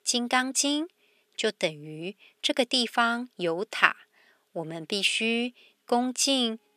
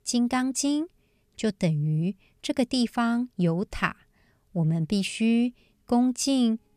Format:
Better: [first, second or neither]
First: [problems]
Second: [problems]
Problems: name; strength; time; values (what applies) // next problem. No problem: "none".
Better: second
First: thin; somewhat; fading below 350 Hz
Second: none